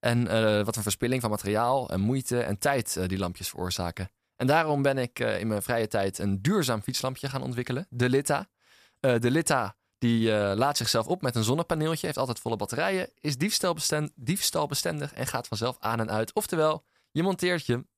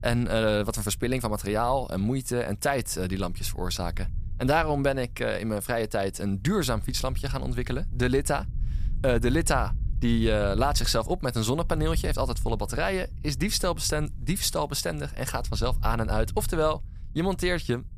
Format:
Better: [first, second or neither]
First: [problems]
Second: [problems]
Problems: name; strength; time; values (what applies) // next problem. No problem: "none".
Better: first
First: none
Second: low rumble; faint; throughout; 25 dB below the speech